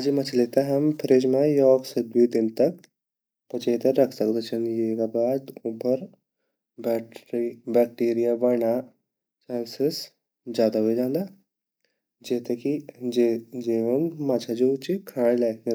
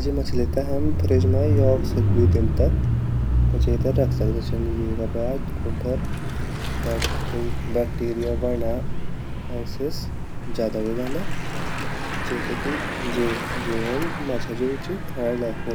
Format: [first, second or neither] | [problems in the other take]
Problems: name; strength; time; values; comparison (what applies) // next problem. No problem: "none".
first | background sound (Mechanisms / Bicycle); 5 dB above the speech